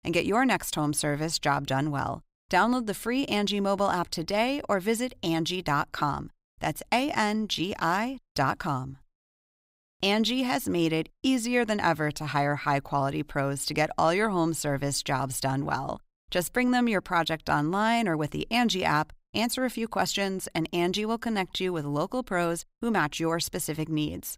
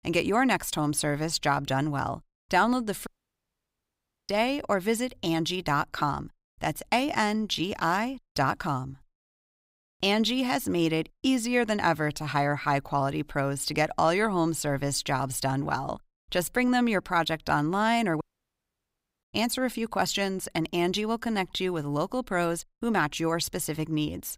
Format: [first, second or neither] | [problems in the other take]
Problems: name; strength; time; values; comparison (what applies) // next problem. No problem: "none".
first | audio cutting out; at 3 s for 1 s and at 18 s for 1 s